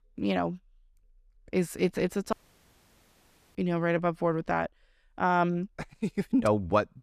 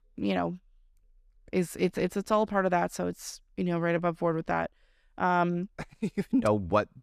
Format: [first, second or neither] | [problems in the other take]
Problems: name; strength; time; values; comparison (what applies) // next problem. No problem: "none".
second | audio cutting out; at 2.5 s for 1 s